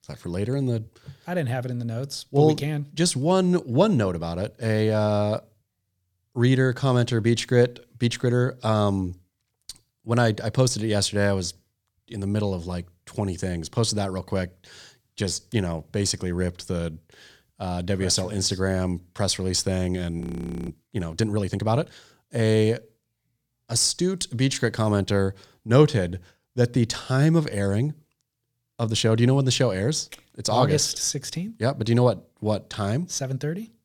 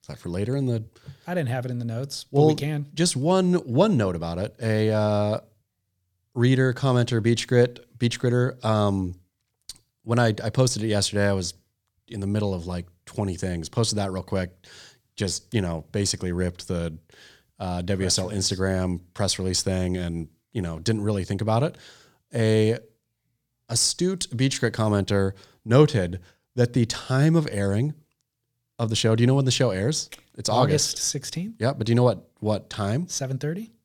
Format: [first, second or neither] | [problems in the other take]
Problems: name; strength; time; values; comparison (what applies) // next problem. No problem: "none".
second | audio freezing; at 20 s